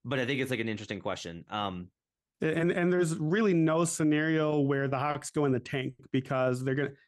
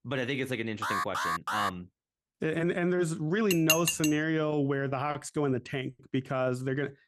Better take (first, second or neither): first